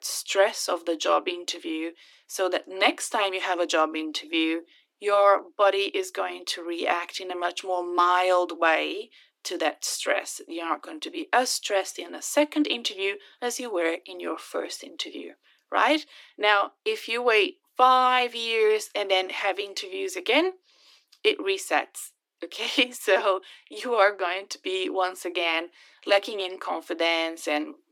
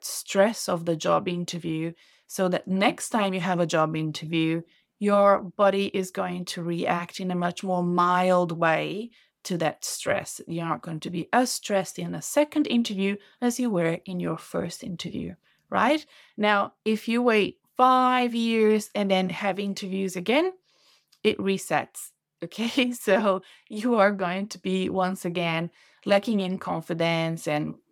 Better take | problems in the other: second | thin; somewhat; fading below 300 Hz

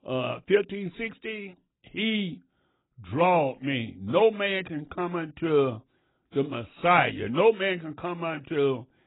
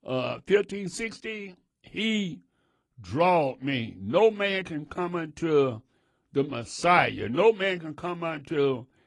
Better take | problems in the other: second | garbled, watery; badly; nothing above 3.5 kHz; slightly in the second

